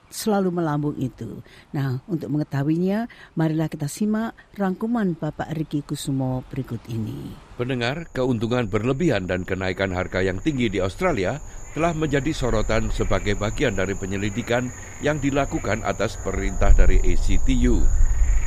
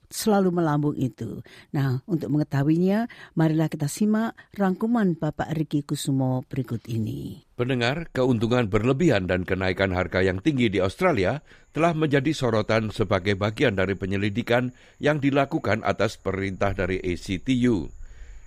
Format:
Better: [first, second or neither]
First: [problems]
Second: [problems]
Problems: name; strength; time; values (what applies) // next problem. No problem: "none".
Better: second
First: animal sounds; loud; throughout; 5 dB below the speech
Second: animal sounds; faint; throughout; 30 dB below the speech